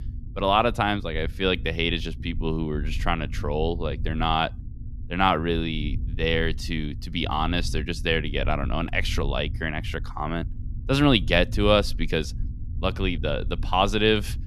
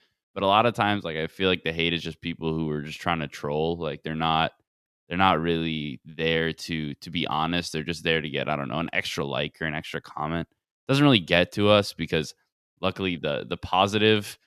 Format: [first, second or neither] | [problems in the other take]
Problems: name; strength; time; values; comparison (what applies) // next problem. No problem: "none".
second | low rumble; faint; throughout; 25 dB below the speech